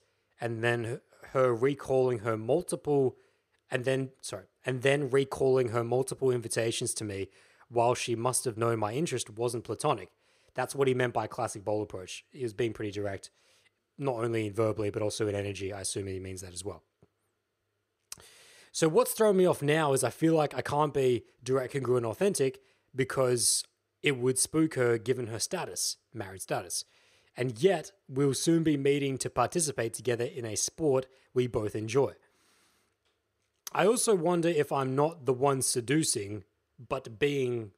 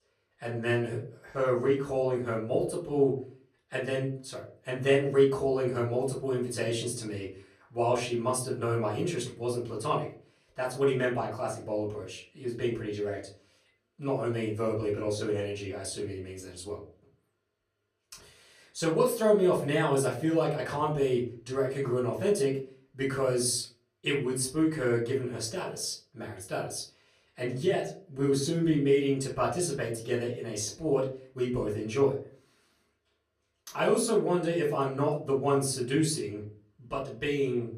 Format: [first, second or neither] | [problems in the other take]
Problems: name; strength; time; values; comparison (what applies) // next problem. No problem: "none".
first | off-mic speech; far // room echo; slight; dies away in 0.4 s